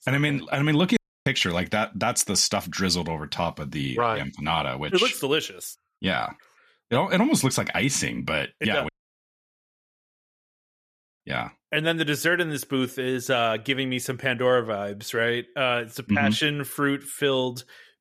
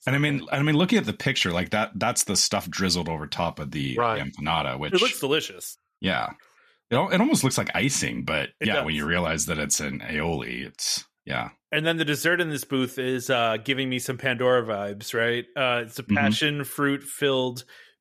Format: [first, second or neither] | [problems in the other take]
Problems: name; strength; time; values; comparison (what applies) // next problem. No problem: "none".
second | audio cutting out; at 1 s and at 9 s for 2.5 s